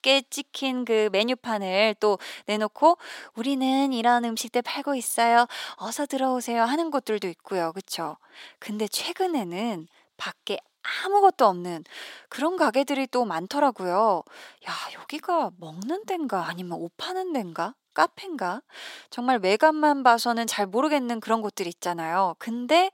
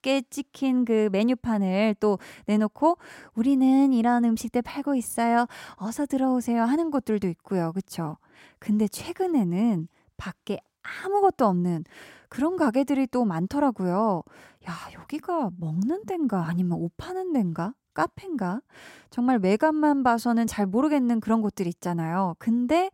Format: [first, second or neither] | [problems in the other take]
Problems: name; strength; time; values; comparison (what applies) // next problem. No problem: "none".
second | thin; somewhat; fading below 450 Hz